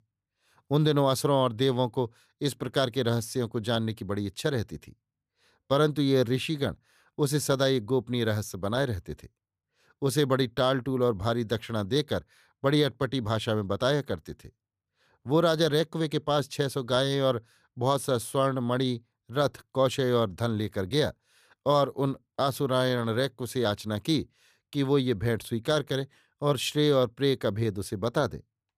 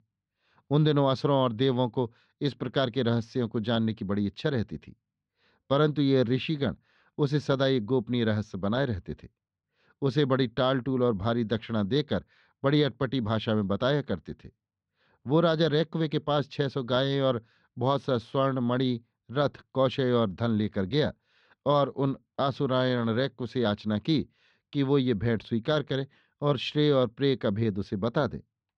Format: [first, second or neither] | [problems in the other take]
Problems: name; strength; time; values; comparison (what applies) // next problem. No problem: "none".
first | muffled; very slightly; fading above 4 kHz